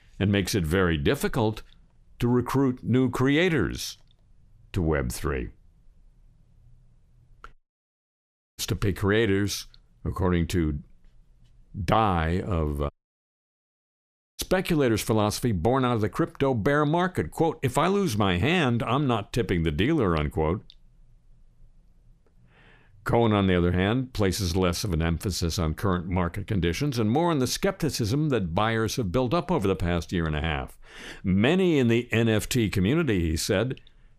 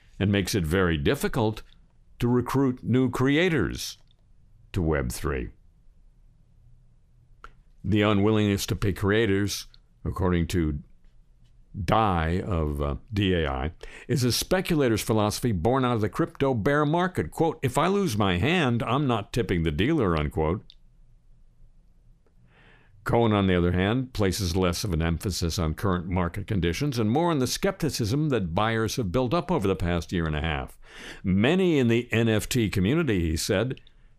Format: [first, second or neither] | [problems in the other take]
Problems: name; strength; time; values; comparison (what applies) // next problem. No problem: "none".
second | audio cutting out; at 7.5 s for 1 s and at 13 s for 1.5 s